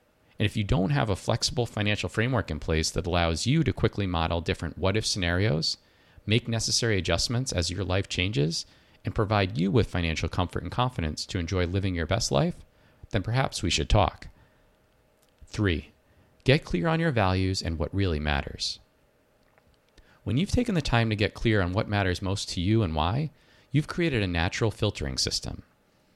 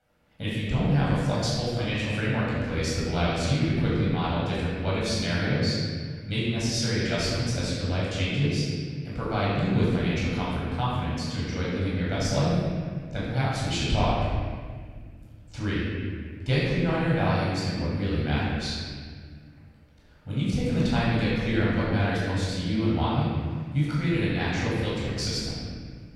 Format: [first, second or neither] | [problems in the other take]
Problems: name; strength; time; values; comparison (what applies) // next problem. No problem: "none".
first | off-mic speech; far // room echo; strong; dies away in 1.9 s